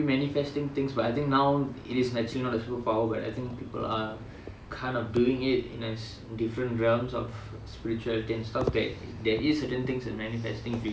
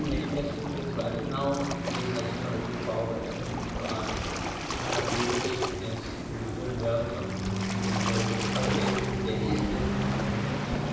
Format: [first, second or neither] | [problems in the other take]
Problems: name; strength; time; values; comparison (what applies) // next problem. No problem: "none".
first | background sound (Waves, surf); 2 dB above the speech // room echo; dies away in 1.3 s